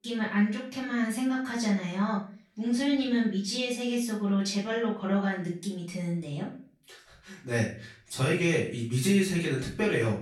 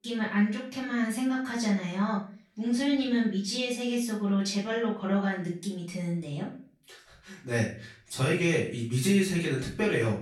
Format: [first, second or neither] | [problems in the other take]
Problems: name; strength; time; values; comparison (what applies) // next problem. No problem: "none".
neither | off-mic speech; far; the same in both // room echo; noticeable; dies away in 0.4 s; the same in both